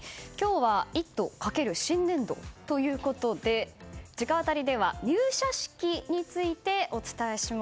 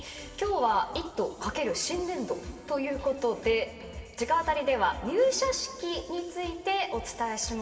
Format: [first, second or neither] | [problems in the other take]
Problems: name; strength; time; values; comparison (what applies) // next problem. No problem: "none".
first | room echo; dies away in 2.5 s